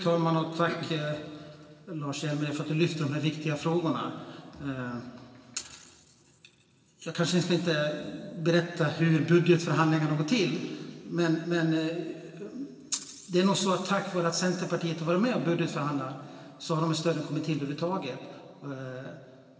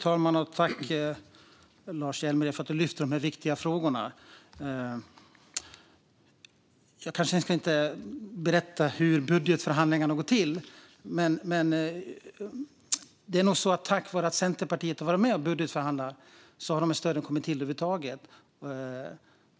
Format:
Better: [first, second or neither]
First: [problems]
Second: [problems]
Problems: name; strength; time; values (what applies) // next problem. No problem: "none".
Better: second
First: room echo; dies away in 2.3 s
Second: none